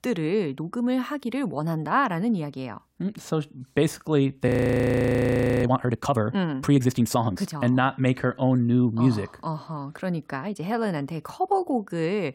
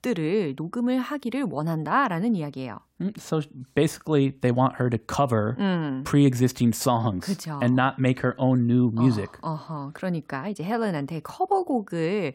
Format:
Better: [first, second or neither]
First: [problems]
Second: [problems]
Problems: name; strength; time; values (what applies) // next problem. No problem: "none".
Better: second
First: audio freezing; at 4.5 s for 1 s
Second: none